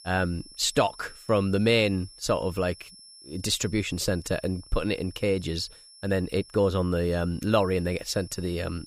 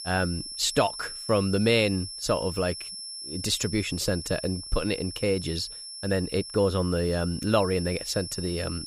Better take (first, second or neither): first